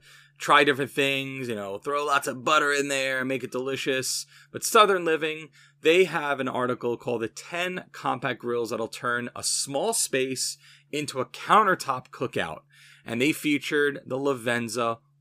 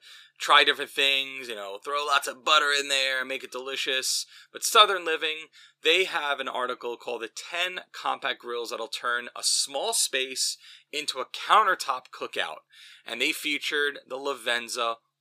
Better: first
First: none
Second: thin; somewhat; fading below 550 Hz

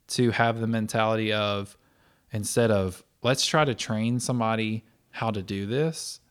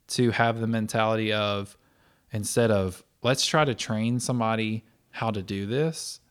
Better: neither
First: none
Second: none

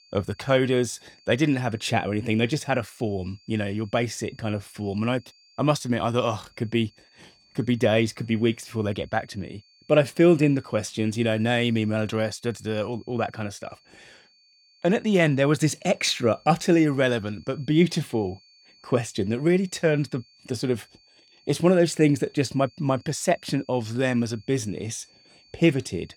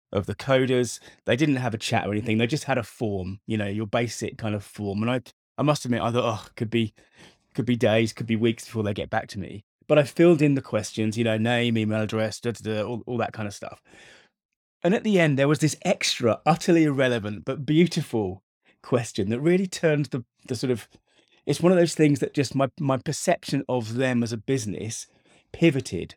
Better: second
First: high-pitched whine; faint; throughout; 4.5 kHz, 30 dB below the speech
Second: none

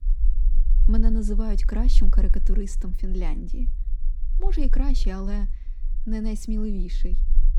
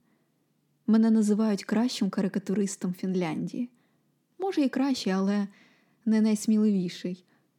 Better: second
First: low rumble; noticeable; throughout; 15 dB below the speech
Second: none

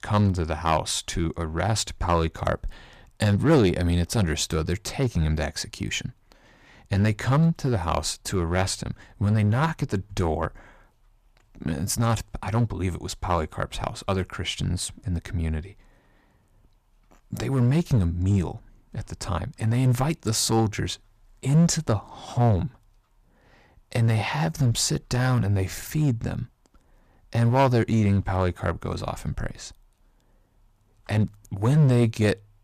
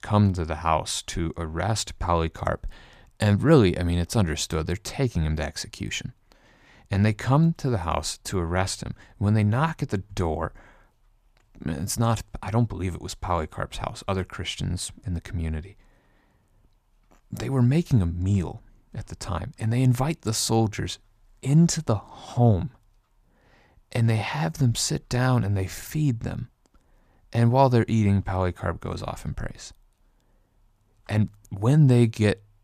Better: second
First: distortion; slight; 3% of the sound clipped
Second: none

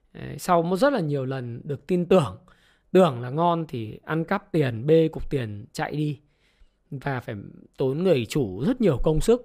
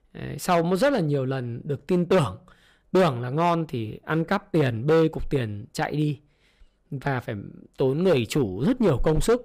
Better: first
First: none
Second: distortion; slight; 5% of the sound clipped

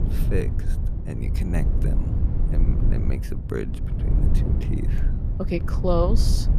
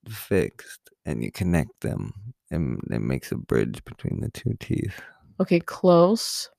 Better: second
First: wind noise on the microphone; heavy; 7 dB below the speech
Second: none

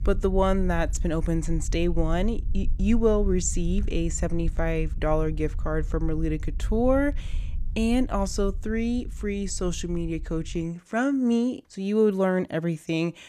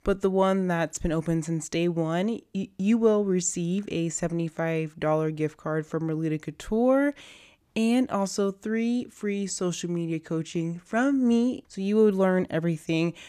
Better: second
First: low rumble; faint; until 11 s; 25 dB below the speech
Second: none

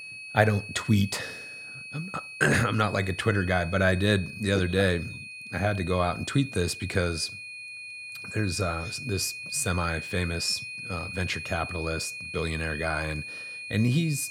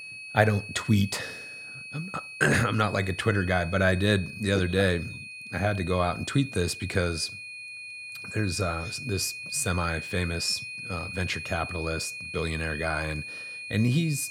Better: neither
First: high-pitched whine; loud; throughout; 2.5 kHz, 10 dB below the speech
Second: high-pitched whine; loud; throughout; 2.5 kHz, 10 dB below the speech

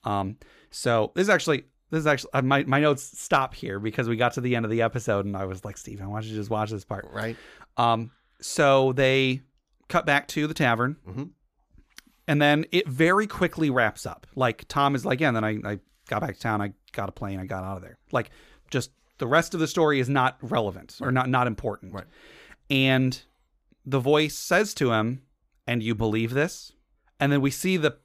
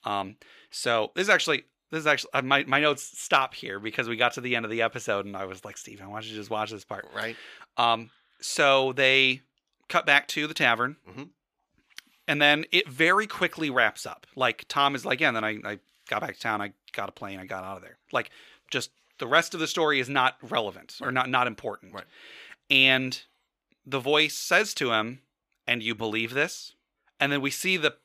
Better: first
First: none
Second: thin; somewhat; fading below 450 Hz

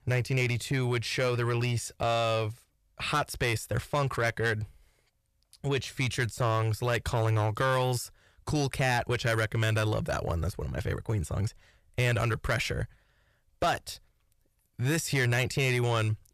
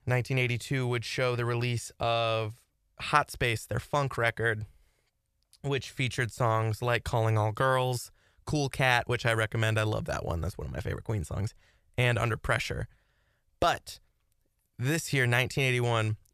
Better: second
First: distortion; slight; 10 dB below the speech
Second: none

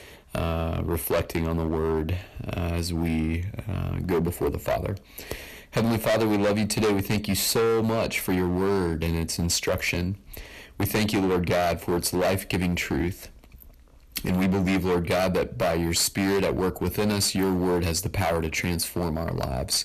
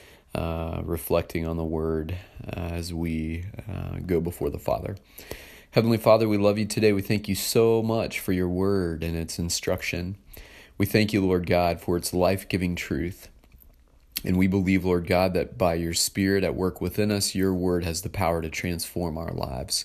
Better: second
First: distortion; heavy; 14% of the sound clipped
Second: none

